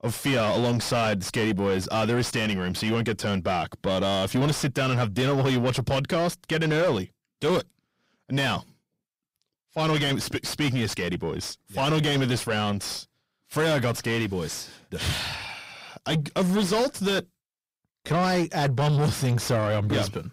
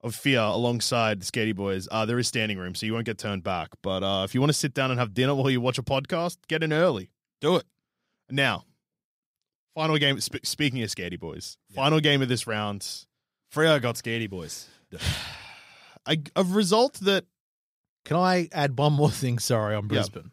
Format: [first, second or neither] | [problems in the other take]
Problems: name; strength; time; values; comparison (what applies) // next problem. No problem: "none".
second | distortion; heavy; 5 dB below the speech